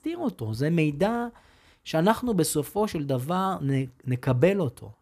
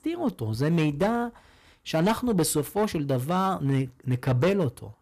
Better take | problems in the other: first | distortion; slight; 6% of the sound clipped

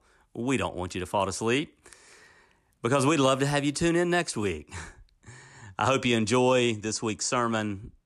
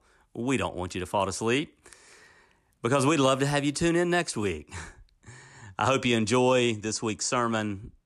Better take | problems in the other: neither | none

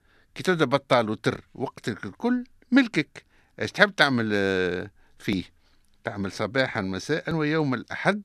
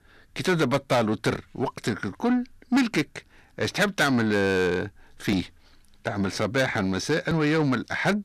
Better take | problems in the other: first | distortion; heavy; 7 dB below the speech

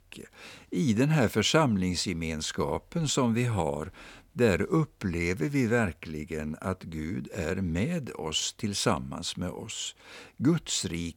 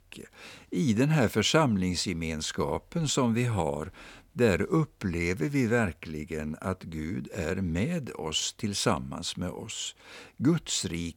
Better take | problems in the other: neither | none

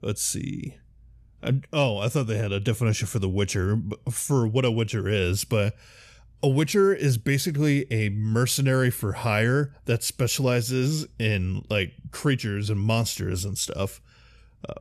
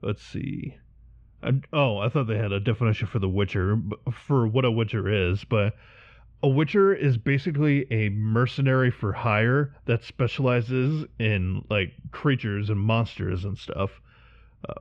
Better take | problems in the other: first | muffled; very; fading above 3 kHz

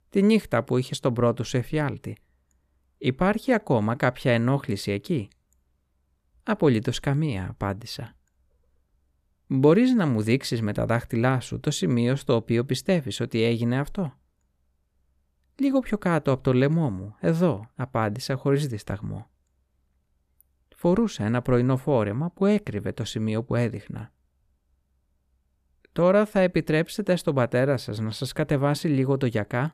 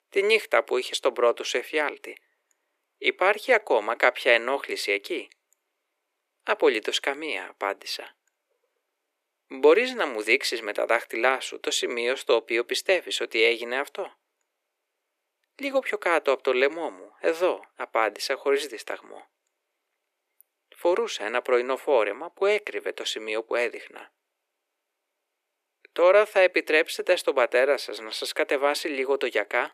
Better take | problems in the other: first | thin; very; fading below 350 Hz

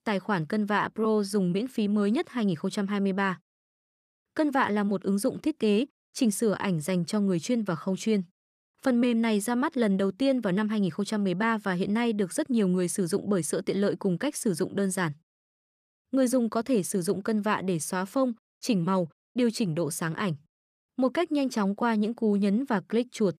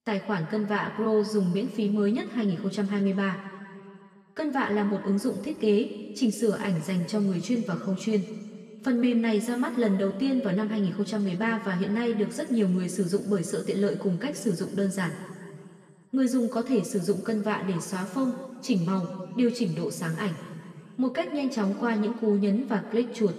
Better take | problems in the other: first | room echo; slight; dies away in 2 s // off-mic speech; somewhat distant

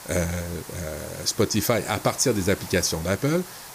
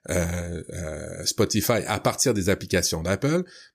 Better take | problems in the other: second | hiss; noticeable; throughout; 15 dB below the speech

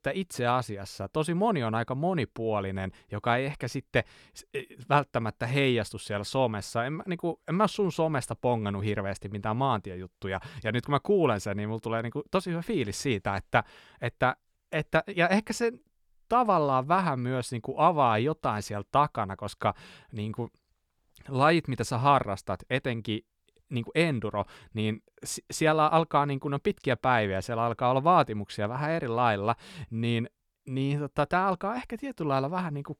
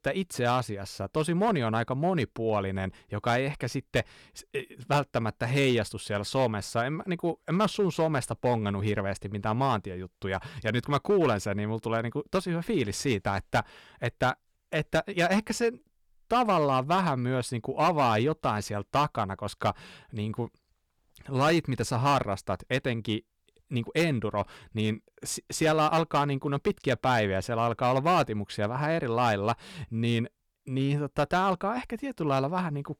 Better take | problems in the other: first | distortion; slight; 4% of the sound clipped

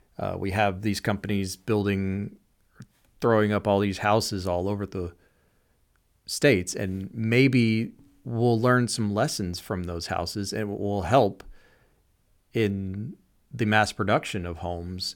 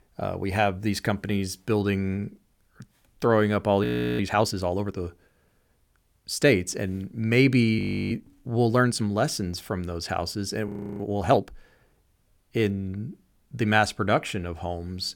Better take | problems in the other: first | audio freezing; at 4 s, at 8 s and at 11 s

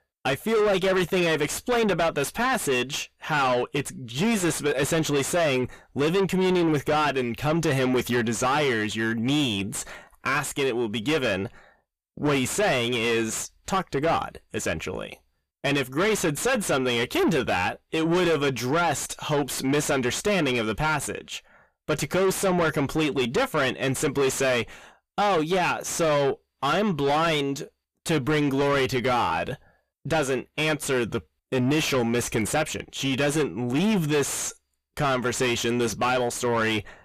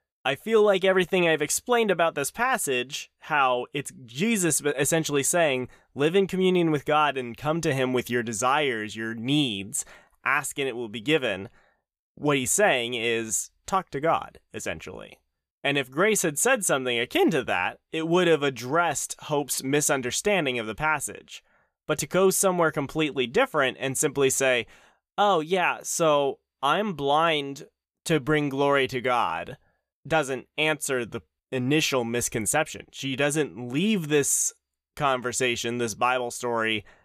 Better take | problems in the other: second | distortion; heavy; 6 dB below the speech

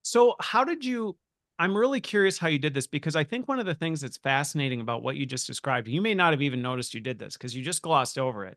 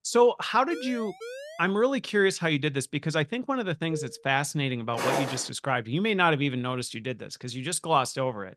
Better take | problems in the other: first | siren; faint; from 0.5 to 1.5 s; peak 15 dB below the speech // clattering dishes; faint; at 4 s; peak 10 dB below the speech // footsteps; noticeable; at 5 s; peak 1 dB below the speech

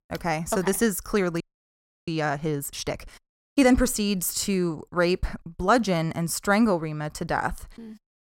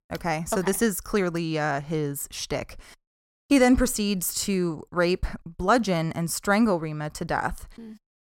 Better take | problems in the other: second | audio freezing; at 1.5 s for 0.5 s

